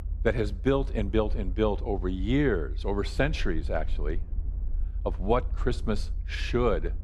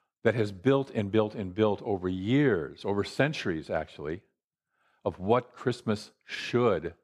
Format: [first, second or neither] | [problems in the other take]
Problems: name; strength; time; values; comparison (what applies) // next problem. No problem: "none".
second | low rumble; faint; throughout; 25 dB below the speech